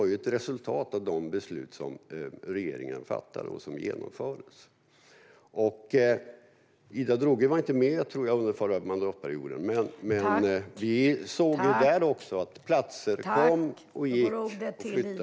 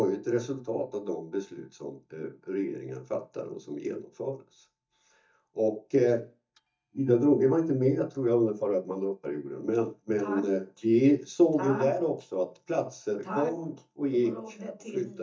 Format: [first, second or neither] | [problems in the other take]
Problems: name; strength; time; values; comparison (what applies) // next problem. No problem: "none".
first | noise reduction (neural mask model DeepFilterNet 3)